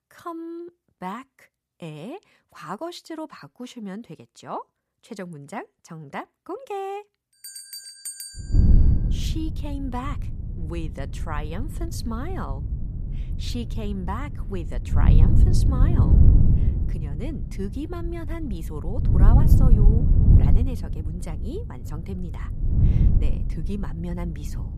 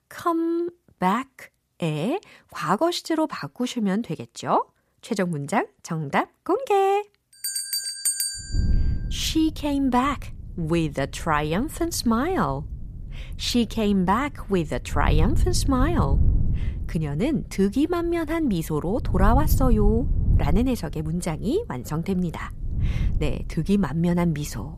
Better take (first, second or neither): second